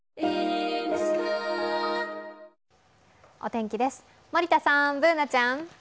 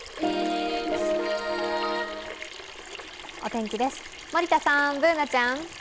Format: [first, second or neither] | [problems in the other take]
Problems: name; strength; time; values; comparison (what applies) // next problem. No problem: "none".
first | background sound (Sink (filling or washing) / Water tap, faucet); 13 dB below the speech